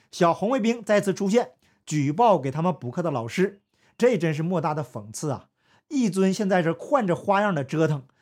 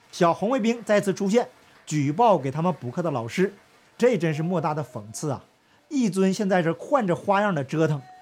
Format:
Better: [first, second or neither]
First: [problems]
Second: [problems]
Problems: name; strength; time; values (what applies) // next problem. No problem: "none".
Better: first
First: none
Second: crowd noise; faint; throughout; 30 dB below the speech